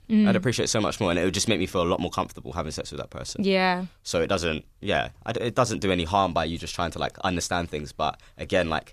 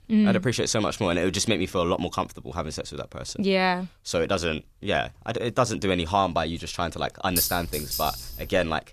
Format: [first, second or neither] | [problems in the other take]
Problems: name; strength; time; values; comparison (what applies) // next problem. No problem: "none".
first | clattering dishes; loud; from 7.5 s on; peak 1 dB above the speech